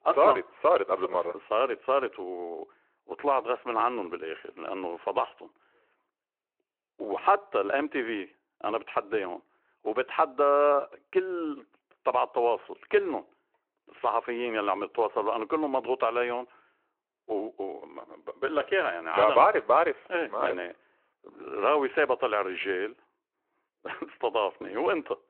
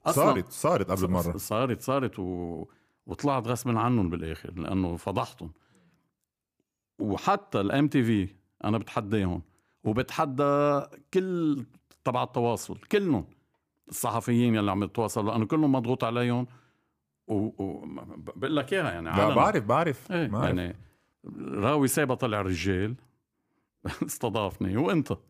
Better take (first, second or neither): second